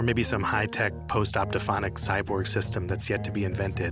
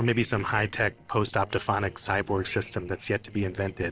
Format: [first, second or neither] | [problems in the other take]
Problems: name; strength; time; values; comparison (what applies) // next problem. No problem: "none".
first | noise reduction (neural separator model SepFormer DNS4)